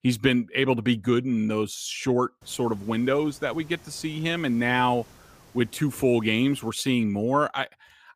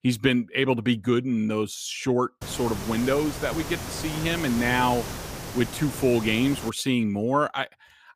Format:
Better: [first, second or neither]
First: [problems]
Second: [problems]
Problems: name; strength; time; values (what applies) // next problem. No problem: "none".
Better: first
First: hiss; faint; from 2.5 to 6.5 s; 25 dB below the speech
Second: hiss; loud; from 2.5 to 6.5 s; 9 dB below the speech